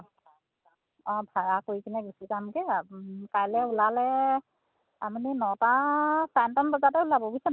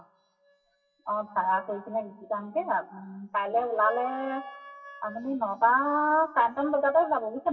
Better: first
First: none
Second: noise reduction (classical method WPE with log-MMSE)

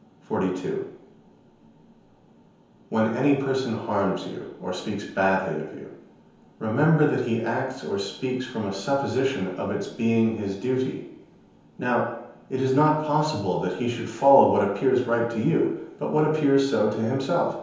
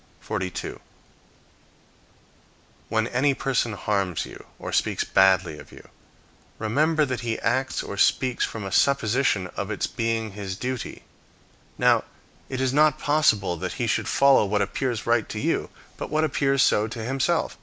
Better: second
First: room echo; dies away in 0.9 s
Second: none

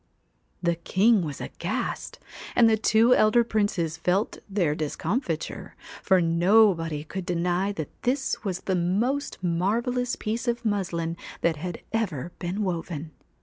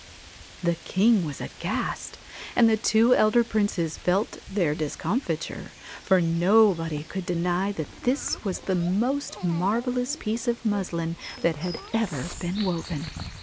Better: first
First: none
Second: background sound (Bird vocalization, bird call, bird song); 17 dB below the speech

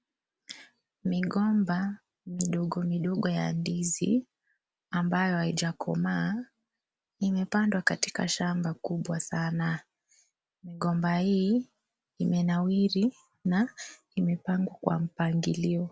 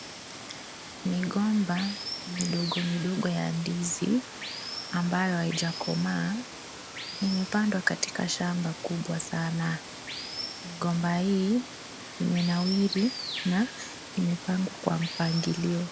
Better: first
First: none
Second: background sound (Water); 10 dB below the speech

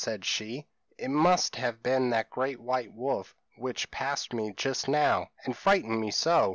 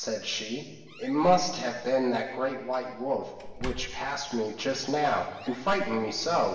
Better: first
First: none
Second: background sound (Slam); 17 dB below the speech // room echo; dies away in 1.2 s

